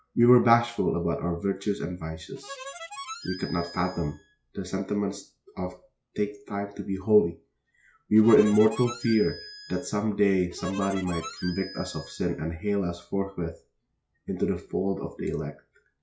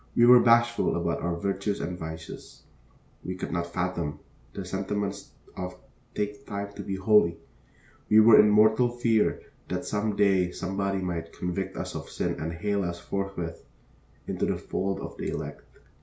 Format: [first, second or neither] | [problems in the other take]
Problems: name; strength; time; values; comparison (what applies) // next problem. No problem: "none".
second | noise reduction (classical method log-MMSE)